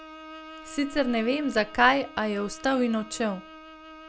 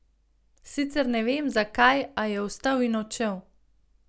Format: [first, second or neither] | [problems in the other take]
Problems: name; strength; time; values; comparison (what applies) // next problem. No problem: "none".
second | background sound (Bowed string instrument); 17 dB below the speech